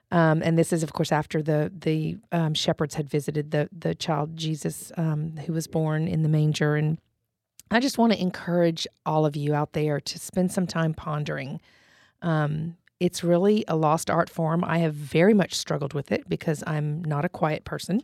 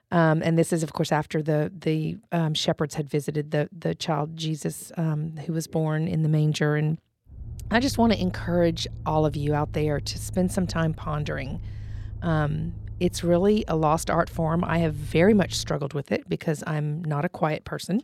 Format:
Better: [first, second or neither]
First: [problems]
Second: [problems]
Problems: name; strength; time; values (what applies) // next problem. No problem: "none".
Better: first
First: none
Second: low rumble; faint; from 7.5 to 16 s; 25 dB below the speech